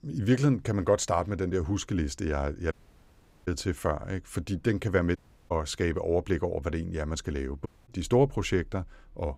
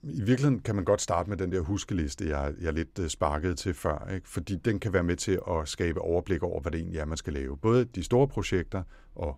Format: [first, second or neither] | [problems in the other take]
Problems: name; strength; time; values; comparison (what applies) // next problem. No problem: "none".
second | audio cutting out; at 2.5 s for 1 s, at 5 s and at 7.5 s